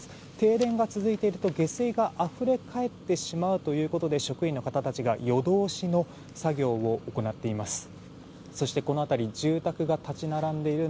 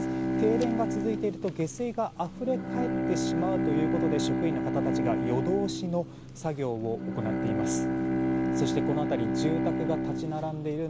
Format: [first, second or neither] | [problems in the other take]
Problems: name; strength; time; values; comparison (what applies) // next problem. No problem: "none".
first | background sound (Bowed string instrument); 2 dB above the speech